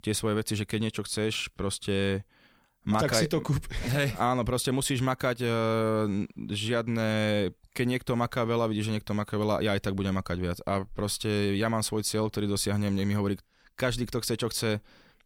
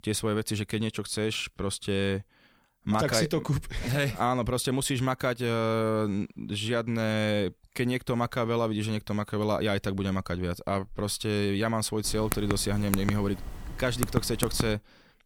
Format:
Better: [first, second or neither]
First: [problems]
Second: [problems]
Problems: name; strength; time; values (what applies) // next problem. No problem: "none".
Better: first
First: none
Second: keyboard typing; noticeable; from 12 to 15 s; peak 3 dB below the speech